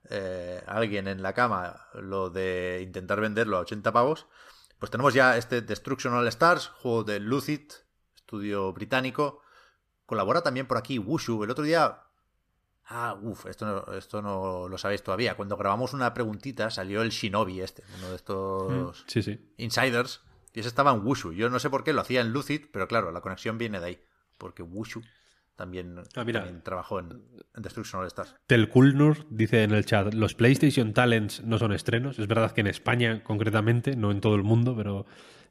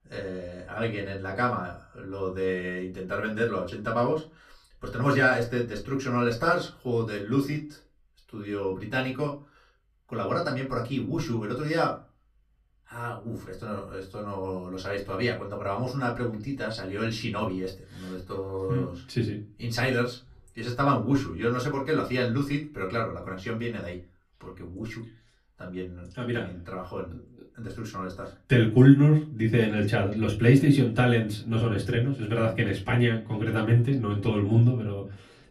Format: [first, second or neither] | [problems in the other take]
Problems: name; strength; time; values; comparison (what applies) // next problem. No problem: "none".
first | off-mic speech; far // room echo; very slight; dies away in 0.3 s